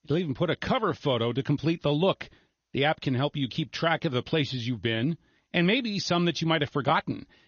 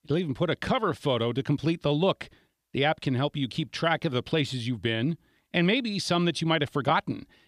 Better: second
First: garbled, watery; slightly; nothing above 6.5 kHz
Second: none

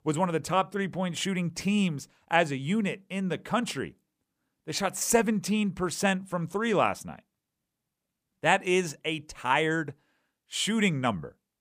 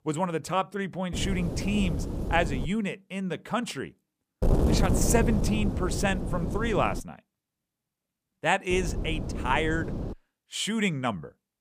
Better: first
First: none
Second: wind noise on the microphone; faint; from 1 to 2.5 s, from 4.5 to 7 s and from 8.5 to 10 s; 8 dB below the speech

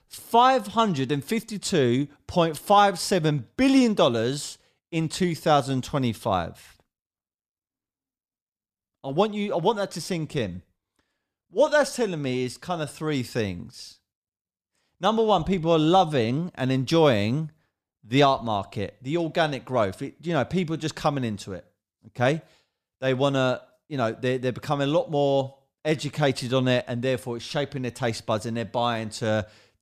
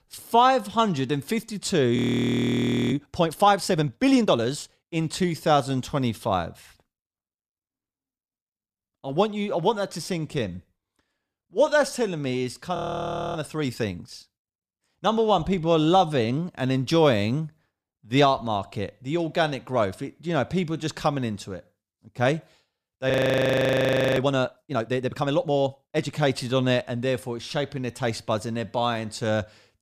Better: first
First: none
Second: audio freezing; at 2 s for 1 s, at 13 s for 0.5 s and at 23 s for 1 s

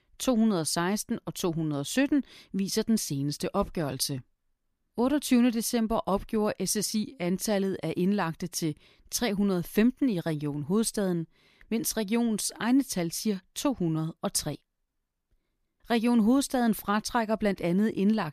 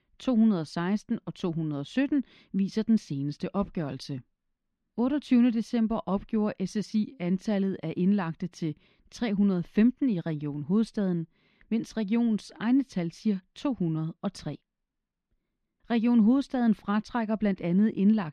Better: first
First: none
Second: muffled; slightly; fading above 3 kHz

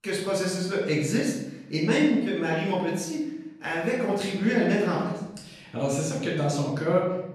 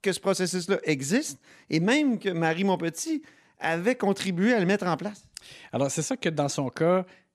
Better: second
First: off-mic speech; far // room echo; noticeable; dies away in 0.9 s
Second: none

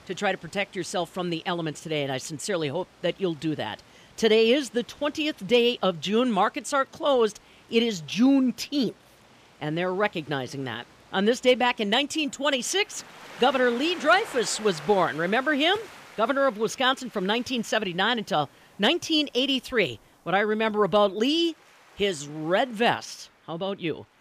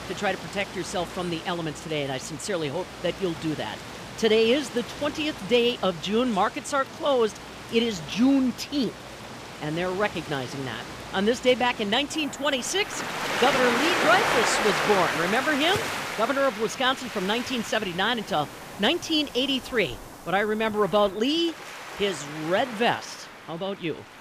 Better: first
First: rain or running water; faint; throughout; 25 dB below the speech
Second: rain or running water; loud; throughout; 6 dB below the speech

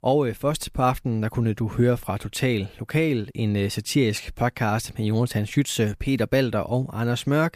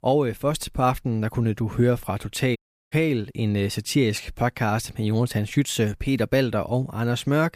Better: first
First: none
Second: audio cutting out; at 2.5 s

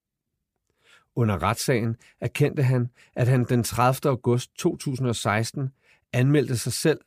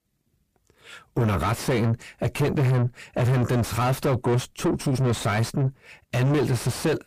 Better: first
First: none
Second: distortion; heavy; 5 dB below the speech

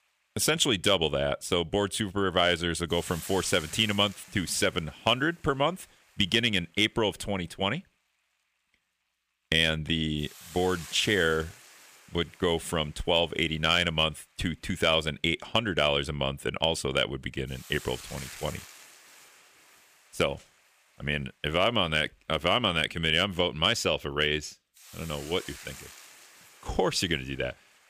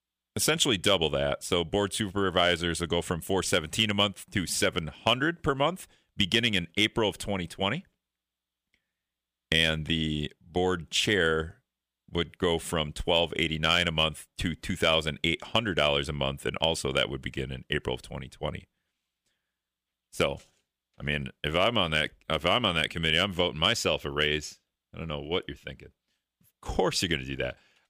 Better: second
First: hiss; noticeable; throughout; 20 dB below the speech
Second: none

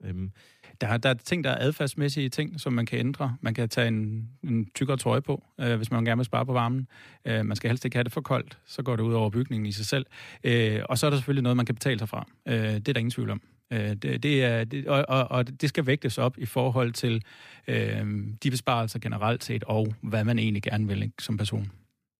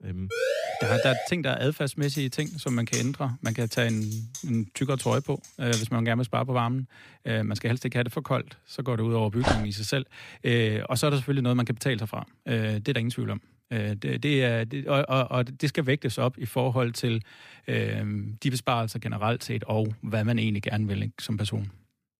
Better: first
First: none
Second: siren; loud; at 0.5 s; peak level with the speech // keyboard typing; noticeable; from 2 to 6 s; peak 5 dB below the speech // dog barking; loud; at 9.5 s; peak level with the speech

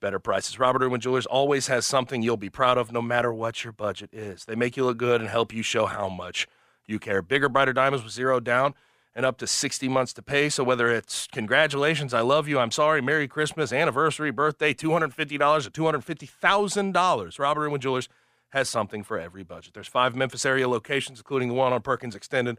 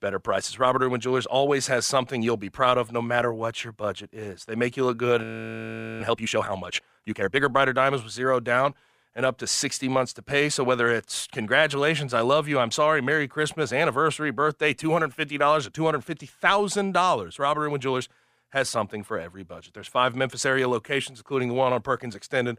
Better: first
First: none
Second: audio freezing; at 5 s for 1 s

